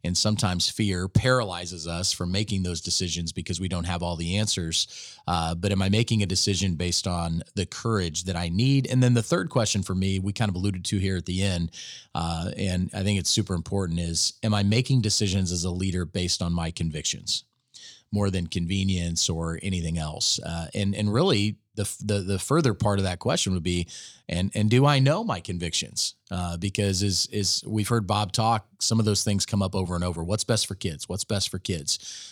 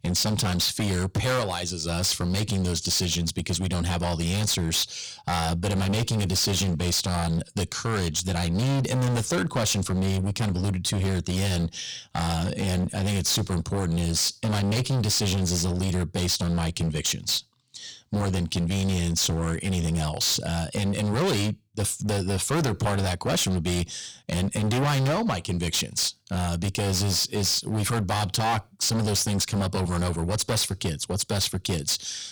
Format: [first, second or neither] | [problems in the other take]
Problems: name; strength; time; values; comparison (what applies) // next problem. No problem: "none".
first | distortion; heavy; 24% of the sound clipped